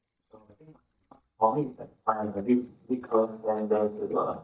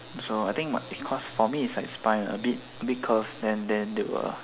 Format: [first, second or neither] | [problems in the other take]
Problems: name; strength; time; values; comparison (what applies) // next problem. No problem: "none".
second | noise reduction (neural mask model DeepFilterNet 3)